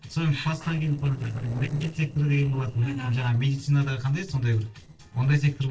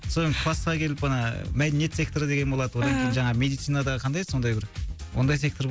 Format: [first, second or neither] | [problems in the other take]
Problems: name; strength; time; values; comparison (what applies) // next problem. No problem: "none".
second | noise reduction (neural separator model SepFormer DNS4)